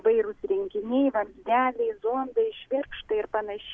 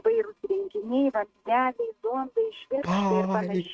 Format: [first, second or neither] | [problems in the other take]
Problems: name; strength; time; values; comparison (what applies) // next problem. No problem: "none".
first | noise reduction (neural mask model RNNoise)